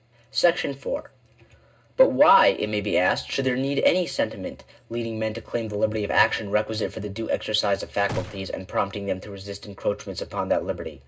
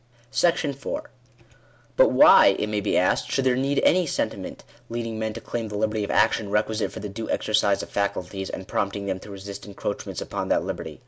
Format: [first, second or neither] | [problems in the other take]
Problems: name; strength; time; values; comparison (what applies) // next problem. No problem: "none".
second | background sound (Gunshot, gunfire); 13 dB below the speech // room echo; dies away in 0.2 s